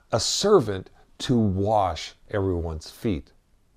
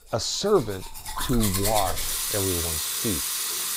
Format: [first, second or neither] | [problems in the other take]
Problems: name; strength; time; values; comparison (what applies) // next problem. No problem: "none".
first | household noises; very loud; throughout; 1 dB above the speech